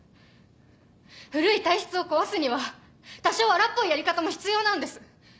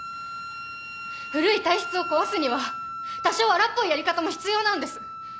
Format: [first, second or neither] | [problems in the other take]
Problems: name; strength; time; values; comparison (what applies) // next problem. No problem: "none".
first | background sound (Wind instrument, woodwind instrument); 9 dB below the speech